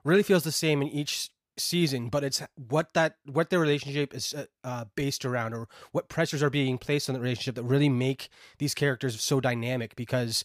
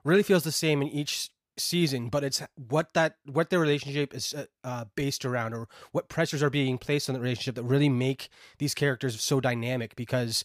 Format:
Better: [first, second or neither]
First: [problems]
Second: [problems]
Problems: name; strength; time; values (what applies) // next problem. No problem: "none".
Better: neither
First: none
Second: none